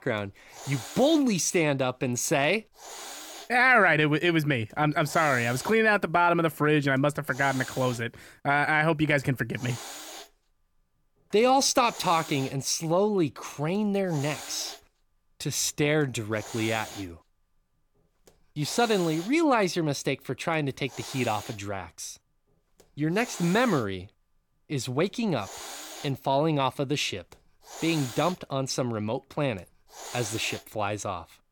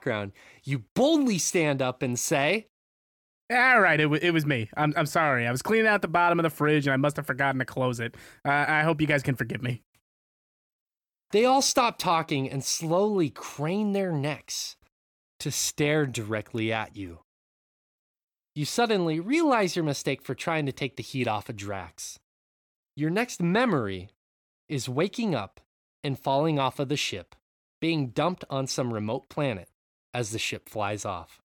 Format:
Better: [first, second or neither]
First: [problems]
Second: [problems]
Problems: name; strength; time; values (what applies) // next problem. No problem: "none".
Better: second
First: hiss; noticeable; throughout; 15 dB below the speech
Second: none